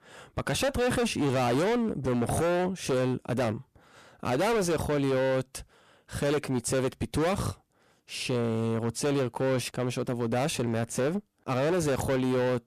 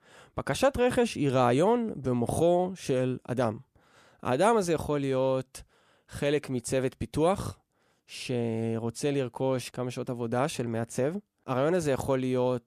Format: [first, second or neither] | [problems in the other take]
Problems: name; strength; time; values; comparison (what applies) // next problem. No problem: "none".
second | distortion; heavy; 23% of the sound clipped